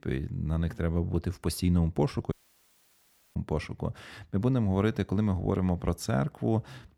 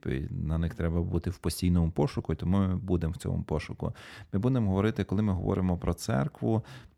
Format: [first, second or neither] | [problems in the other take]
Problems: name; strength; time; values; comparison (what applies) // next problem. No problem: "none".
second | audio cutting out; at 2.5 s for 1 s